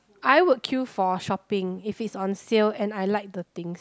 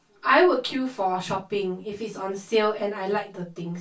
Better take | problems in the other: first | room echo; dies away in 0.1 s

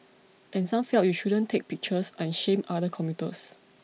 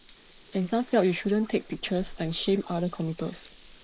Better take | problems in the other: first | noise reduction (neural mask model Resemble Enhance denoiser)

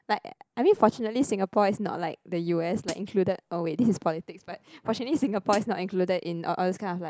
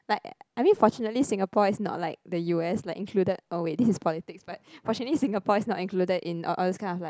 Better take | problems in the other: second | noise reduction (neural mask model Resemble Enhance denoiser)

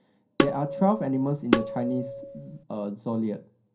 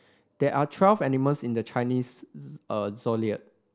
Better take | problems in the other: second | background sound (Tabla); 1 dB below the speech // room echo; dies away in 0.3 s

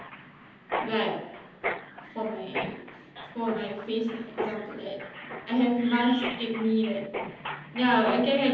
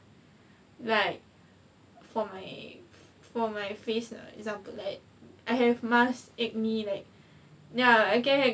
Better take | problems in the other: second | background sound (Mechanisms); 8 dB below the speech // room echo; dies away in 0.9 s

